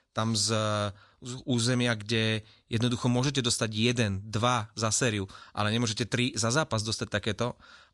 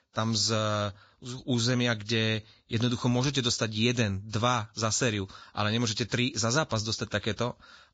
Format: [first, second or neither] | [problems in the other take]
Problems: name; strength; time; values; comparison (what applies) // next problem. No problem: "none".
first | garbled, watery; badly; nothing above 7.5 kHz; slightly in the first